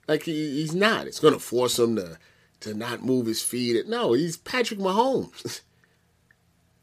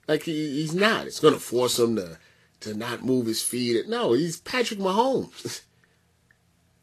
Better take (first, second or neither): first